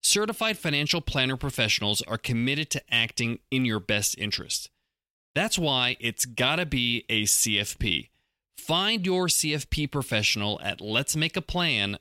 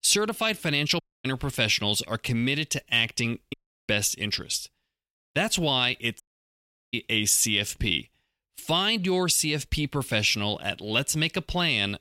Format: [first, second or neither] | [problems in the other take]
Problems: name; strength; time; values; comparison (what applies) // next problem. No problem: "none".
first | audio cutting out; at 1 s, at 3.5 s and at 6 s for 0.5 s